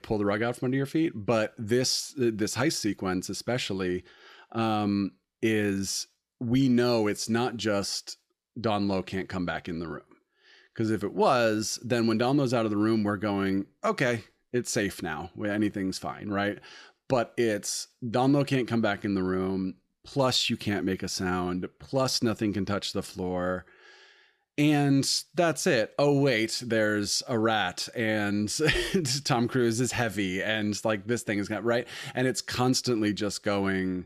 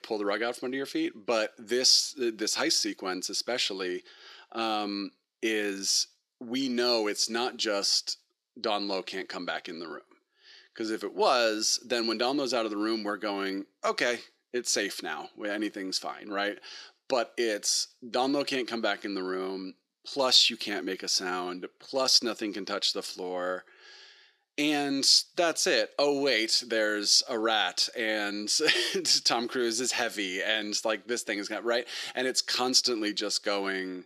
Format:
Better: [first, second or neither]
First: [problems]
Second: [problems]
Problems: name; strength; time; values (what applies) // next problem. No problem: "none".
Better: first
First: none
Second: thin; somewhat; fading below 300 Hz